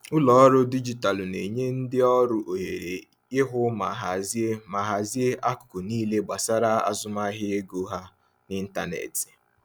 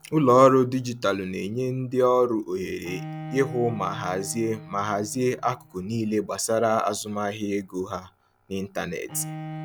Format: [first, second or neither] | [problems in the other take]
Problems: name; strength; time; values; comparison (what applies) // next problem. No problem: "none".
first | background sound (Bowed string instrument); 16 dB below the speech